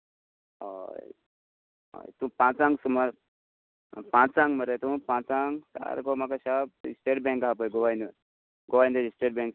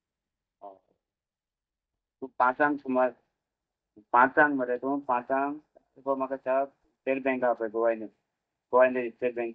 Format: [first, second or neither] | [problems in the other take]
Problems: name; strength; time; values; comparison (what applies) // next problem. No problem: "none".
first | noise reduction (neural mask model DeepFilterNet 3)